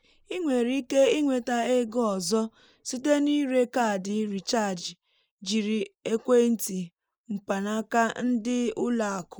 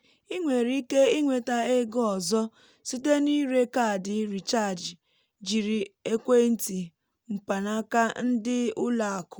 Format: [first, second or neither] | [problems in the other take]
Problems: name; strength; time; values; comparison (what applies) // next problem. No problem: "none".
second | noise reduction (neural mask model Resemble Enhance denoiser)